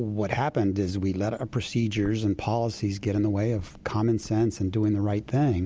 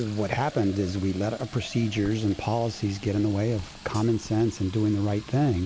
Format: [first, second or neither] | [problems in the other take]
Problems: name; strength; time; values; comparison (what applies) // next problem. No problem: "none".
first | background sound (Hi-hat + Fill (with liquid)); 20 dB below the speech